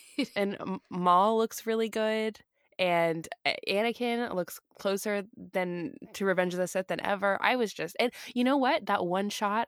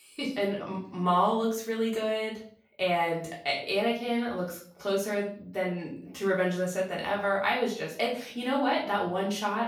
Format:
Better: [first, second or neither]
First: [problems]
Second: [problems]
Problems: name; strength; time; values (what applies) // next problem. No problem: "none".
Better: first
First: none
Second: off-mic speech; far // room echo; slight; dies away in 0.4 s